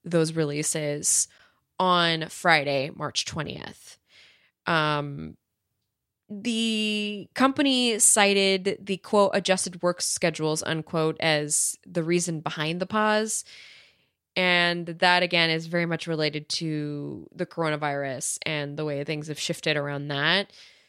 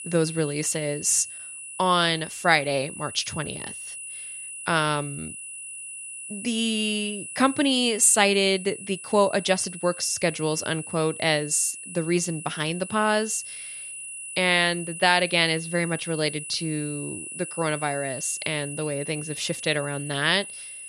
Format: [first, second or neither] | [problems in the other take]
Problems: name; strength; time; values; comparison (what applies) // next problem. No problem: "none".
first | high-pitched whine; noticeable; throughout; 10 kHz, 10 dB below the speech